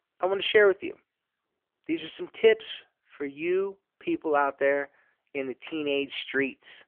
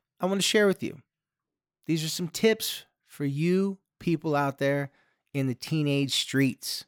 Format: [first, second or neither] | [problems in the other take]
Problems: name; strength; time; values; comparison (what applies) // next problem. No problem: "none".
second | phone-call audio; nothing above 3.5 kHz